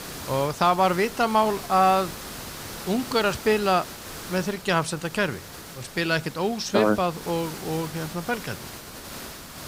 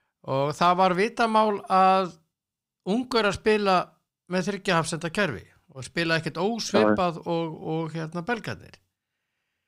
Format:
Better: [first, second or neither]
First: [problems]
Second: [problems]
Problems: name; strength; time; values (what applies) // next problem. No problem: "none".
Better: second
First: hiss; noticeable; throughout; 15 dB below the speech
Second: none